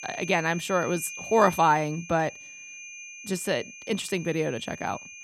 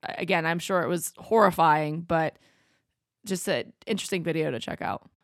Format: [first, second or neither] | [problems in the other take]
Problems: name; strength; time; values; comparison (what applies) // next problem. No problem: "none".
second | high-pitched whine; noticeable; throughout; 2.5 kHz, 15 dB below the speech